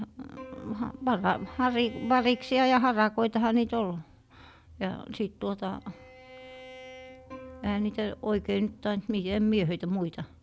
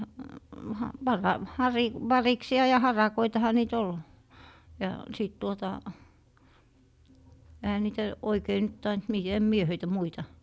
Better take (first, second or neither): second